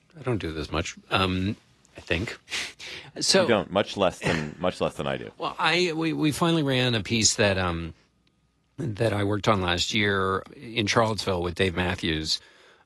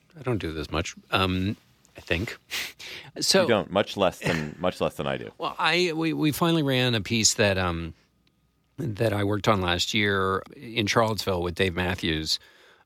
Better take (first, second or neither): second